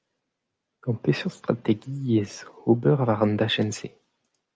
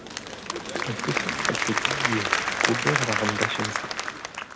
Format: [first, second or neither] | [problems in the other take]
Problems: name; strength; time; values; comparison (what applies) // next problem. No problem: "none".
first | background sound (Applause / Crowd); 5 dB above the speech